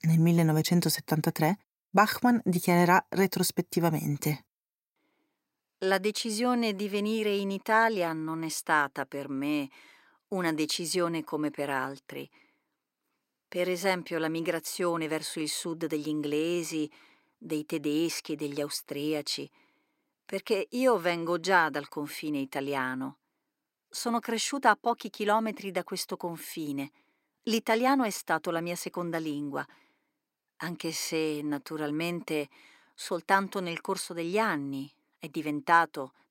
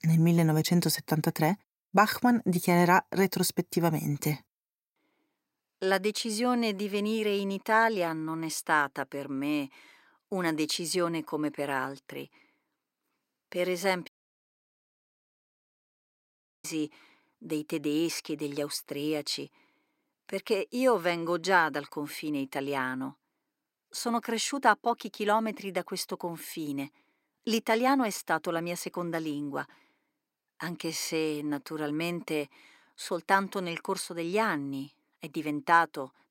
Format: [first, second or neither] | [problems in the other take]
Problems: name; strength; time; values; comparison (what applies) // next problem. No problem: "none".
first | audio cutting out; at 14 s for 2.5 s